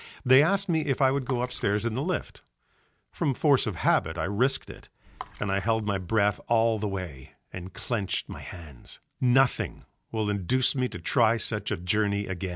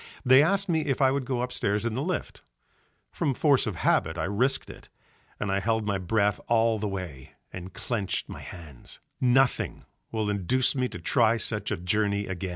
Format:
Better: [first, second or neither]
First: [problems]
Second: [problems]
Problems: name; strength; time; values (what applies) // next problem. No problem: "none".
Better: second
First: background sound (Water / Splash, splatter); 19 dB below the speech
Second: none